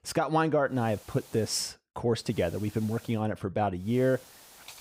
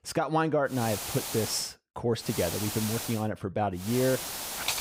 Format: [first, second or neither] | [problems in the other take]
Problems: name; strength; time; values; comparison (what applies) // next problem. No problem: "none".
first | hiss; loud; at 1 s, at 2.5 s and at 4 s; 4 dB below the speech; faint in the first